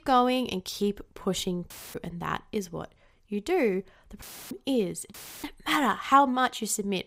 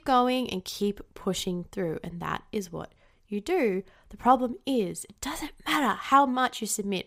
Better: second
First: audio cutting out; filled with static; at 1.5 s, at 4 s and at 5 s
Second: none

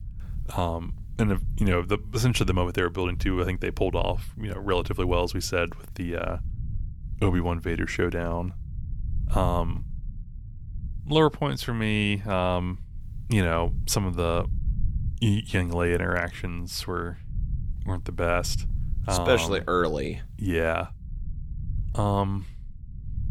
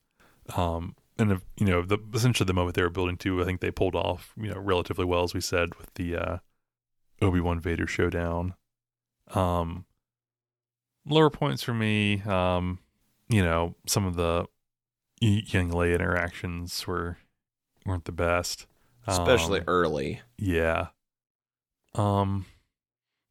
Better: second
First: low rumble; faint; throughout; 25 dB below the speech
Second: none

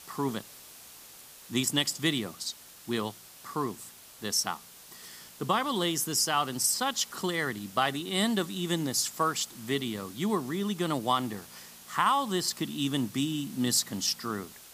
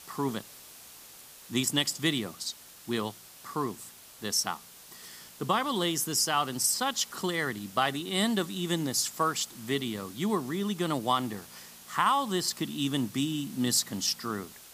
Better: neither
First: hiss; noticeable; throughout; 20 dB below the speech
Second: hiss; noticeable; throughout; 20 dB below the speech

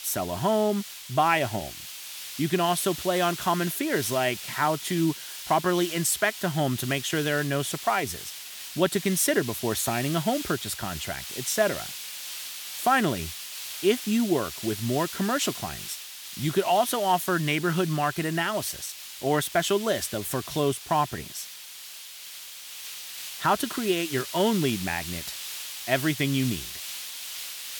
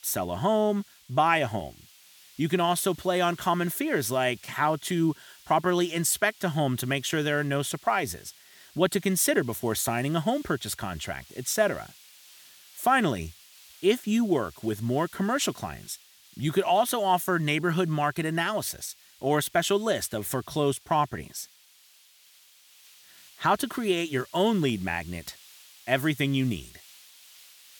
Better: second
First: hiss; loud; throughout; 9 dB below the speech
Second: hiss; faint; throughout; 25 dB below the speech

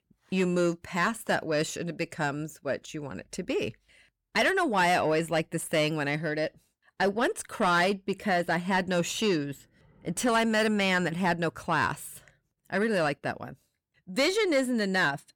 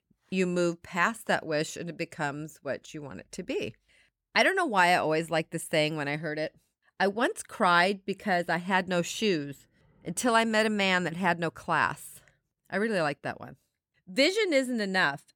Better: second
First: distortion; slight; 10 dB below the speech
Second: none

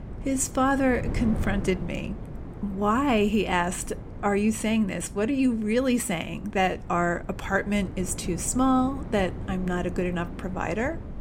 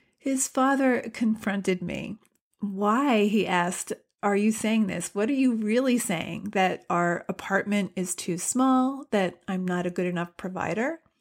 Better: second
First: wind noise on the microphone; occasional gusts; 15 dB below the speech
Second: none

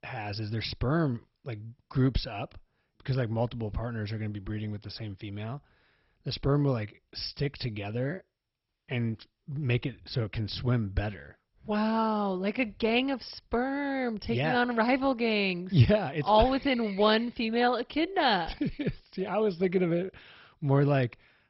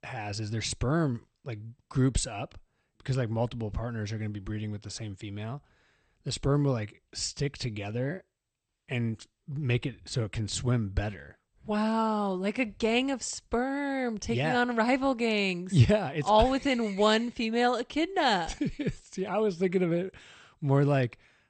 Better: second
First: garbled, watery; badly; nothing above 5.5 kHz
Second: garbled, watery; slightly; nothing above 8.5 kHz

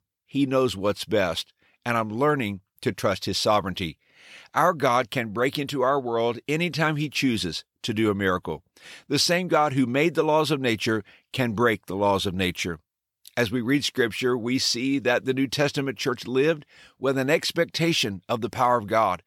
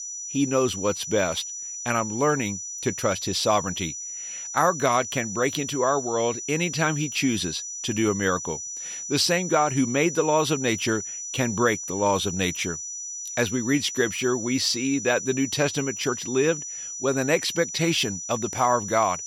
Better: first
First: none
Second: high-pitched whine; loud; throughout; 6 kHz, 7 dB below the speech

